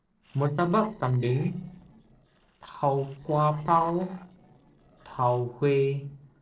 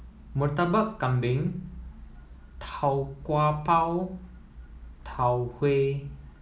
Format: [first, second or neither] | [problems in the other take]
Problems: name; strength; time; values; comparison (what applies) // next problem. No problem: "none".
second | noise reduction (neural separator model SepFormer DNS4)